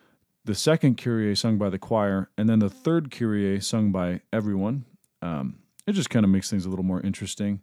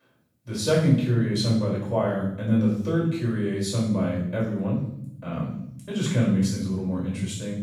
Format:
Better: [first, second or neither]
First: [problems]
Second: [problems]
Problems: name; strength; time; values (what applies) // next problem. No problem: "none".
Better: first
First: none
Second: off-mic speech; far // room echo; noticeable; dies away in 0.8 s